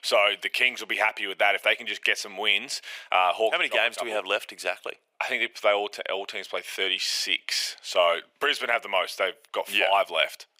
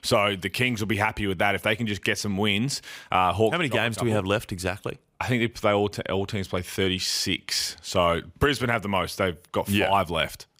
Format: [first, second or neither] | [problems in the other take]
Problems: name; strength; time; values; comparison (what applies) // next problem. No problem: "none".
second | thin; very; fading below 450 Hz